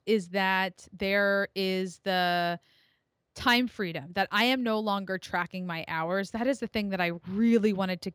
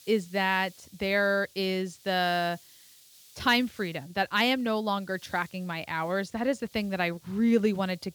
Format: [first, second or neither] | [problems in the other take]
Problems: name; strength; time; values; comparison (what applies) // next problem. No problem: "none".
first | hiss; faint; throughout; 25 dB below the speech